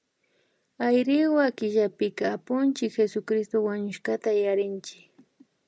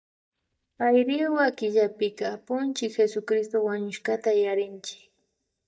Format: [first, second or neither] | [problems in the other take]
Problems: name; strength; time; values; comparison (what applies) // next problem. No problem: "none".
first | noise reduction (neural mask model DeepFilterNet 3)